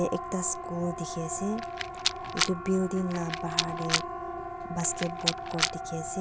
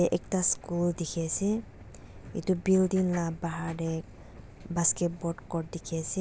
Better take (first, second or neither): second